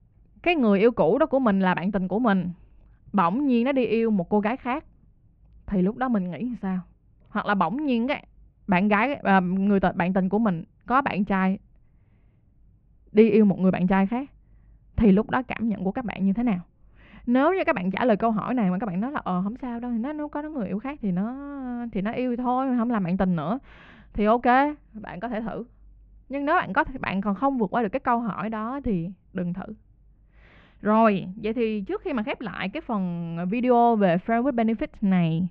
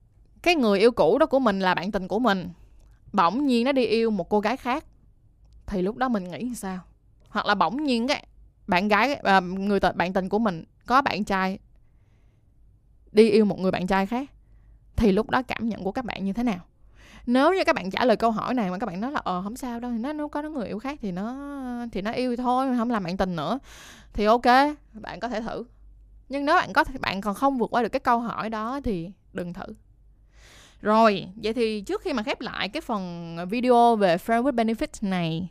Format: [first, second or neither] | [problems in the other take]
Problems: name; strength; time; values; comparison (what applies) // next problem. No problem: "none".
second | muffled; very; fading above 2.5 kHz